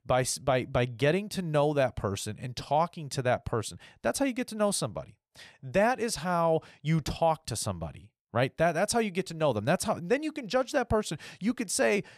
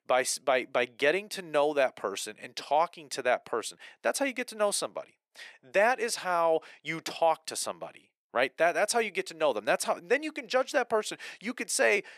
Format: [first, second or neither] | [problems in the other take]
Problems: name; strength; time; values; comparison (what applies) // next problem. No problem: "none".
first | thin; somewhat; fading below 350 Hz